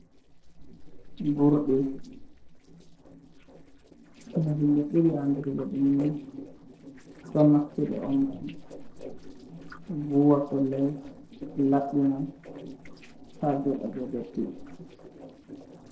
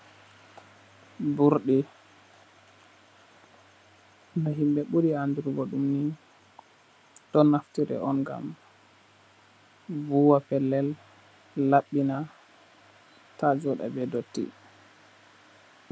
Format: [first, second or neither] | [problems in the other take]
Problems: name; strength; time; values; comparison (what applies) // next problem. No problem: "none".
second | noise reduction (neural separator model SepFormer DNS4)